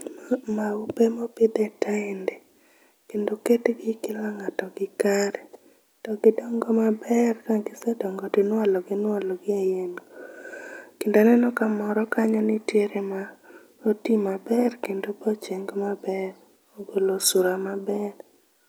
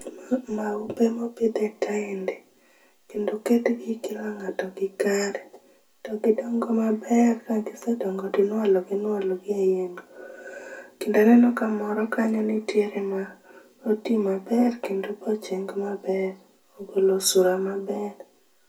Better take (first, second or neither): first